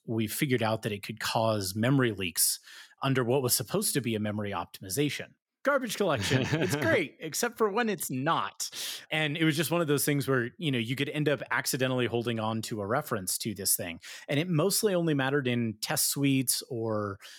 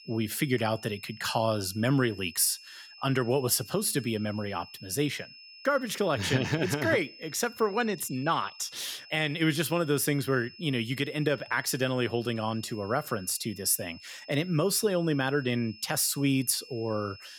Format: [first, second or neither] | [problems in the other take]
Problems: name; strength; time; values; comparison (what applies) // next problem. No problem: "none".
first | high-pitched whine; noticeable; throughout; 5 kHz, 20 dB below the speech